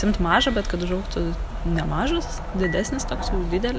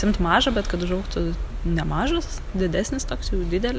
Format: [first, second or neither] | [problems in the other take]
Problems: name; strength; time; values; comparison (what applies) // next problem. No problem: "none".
second | background sound (Dishes, pots, and pans / Chink, clink + Wood); 13 dB below the speech